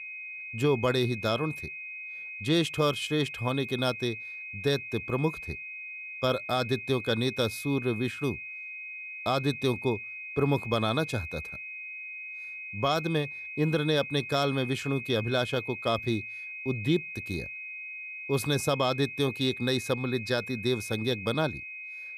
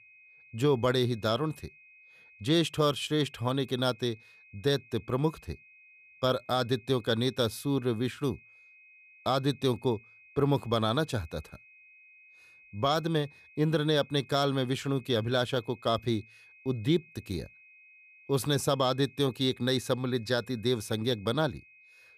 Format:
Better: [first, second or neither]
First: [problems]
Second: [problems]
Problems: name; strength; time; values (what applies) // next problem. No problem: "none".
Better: second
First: high-pitched whine; loud; throughout; 2.5 kHz, 8 dB below the speech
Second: high-pitched whine; faint; throughout; 2.5 kHz, 25 dB below the speech